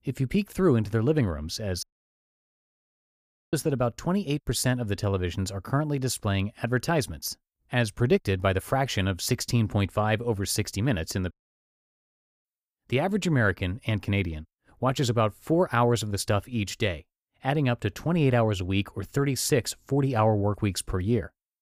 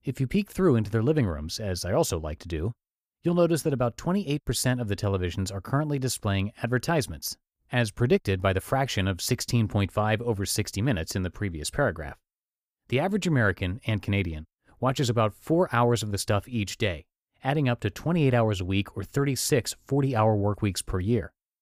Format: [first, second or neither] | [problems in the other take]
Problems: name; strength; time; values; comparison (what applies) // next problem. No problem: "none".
second | audio cutting out; at 2 s for 1.5 s and at 11 s for 1 s